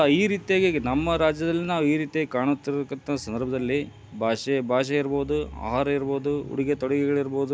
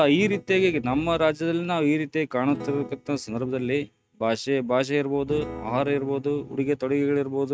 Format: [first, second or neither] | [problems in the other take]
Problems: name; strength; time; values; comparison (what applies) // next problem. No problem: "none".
first | noise reduction (neural mask model RNNoise)